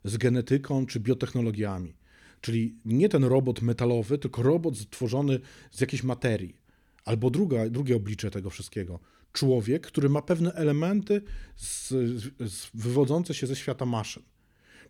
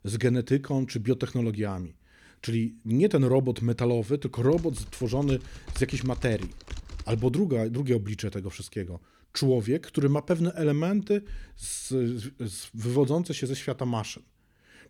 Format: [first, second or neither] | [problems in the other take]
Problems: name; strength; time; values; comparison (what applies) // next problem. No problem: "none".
first | keyboard typing; faint; from 4.5 to 7.5 s; peak 10 dB below the speech